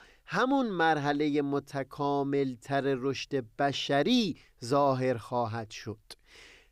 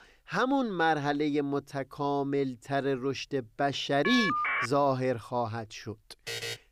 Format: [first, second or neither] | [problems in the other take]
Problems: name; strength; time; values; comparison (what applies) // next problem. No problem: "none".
first | phone ringing; loud; at 4 s; peak 2 dB above the speech // alarm; noticeable; at 6.5 s; peak 5 dB below the speech